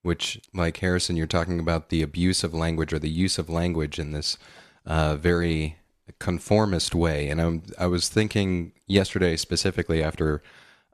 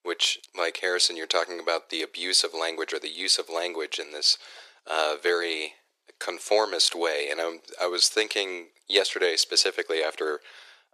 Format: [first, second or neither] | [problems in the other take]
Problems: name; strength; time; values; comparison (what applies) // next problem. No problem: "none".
first | thin; very; fading below 400 Hz